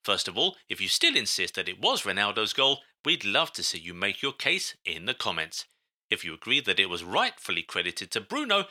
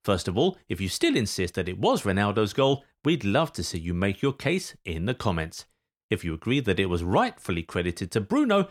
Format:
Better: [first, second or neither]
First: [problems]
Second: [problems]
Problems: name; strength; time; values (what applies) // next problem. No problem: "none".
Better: second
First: thin; somewhat; fading below 1 kHz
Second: none